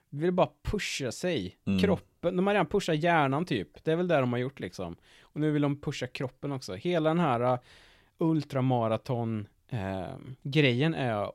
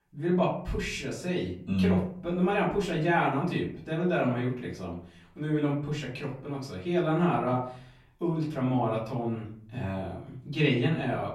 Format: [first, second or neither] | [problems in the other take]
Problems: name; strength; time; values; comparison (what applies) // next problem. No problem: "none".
first | off-mic speech; far // room echo; slight; dies away in 0.5 s